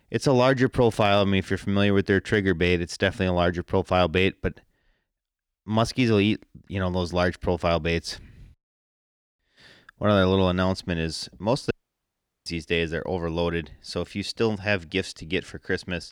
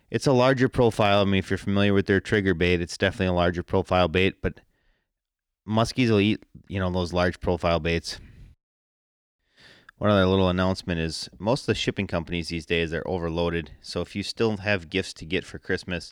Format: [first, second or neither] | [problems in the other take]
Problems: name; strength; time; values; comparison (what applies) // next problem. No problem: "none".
second | audio cutting out; at 12 s for 1 s